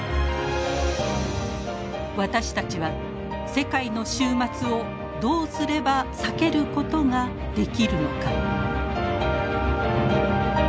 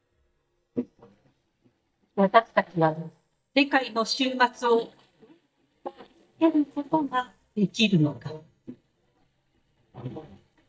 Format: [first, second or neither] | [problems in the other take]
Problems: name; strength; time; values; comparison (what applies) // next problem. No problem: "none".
first | noise reduction (neural mask model DeepFilterNet 3)